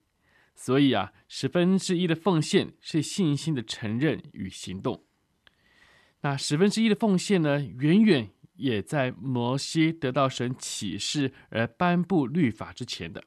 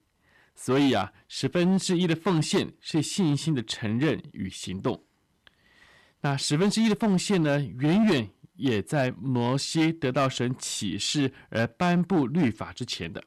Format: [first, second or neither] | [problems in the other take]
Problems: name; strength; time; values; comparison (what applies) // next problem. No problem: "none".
first | distortion; slight; 8% of the sound clipped